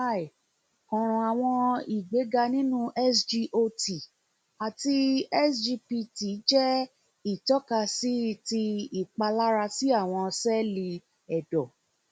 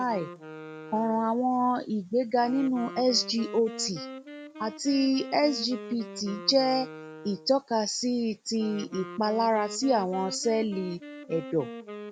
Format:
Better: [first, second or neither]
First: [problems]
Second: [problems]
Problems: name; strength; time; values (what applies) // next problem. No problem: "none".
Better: first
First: none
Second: background sound (Wind instrument, woodwind instrument); 14 dB below the speech